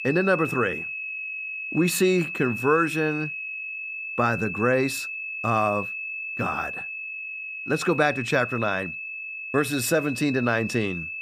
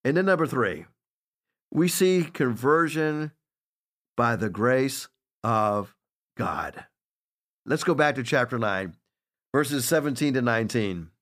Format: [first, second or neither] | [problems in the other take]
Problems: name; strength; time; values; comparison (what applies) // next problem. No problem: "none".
second | high-pitched whine; loud; throughout; 2.5 kHz, 6 dB below the speech